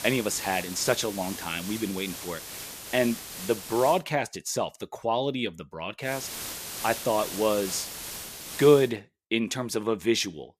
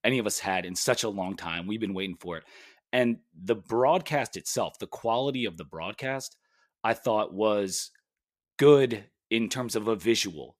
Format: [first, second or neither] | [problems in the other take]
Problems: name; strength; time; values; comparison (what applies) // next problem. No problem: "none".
second | hiss; loud; until 4 s and from 6 to 9 s; 9 dB below the speech